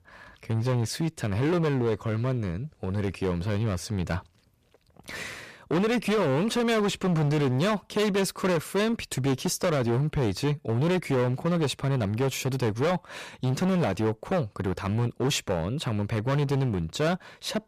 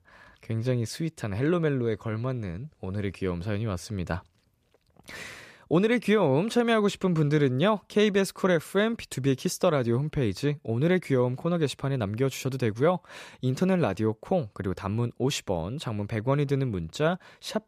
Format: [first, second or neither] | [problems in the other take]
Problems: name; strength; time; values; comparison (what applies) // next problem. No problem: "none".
second | distortion; heavy; 16% of the sound clipped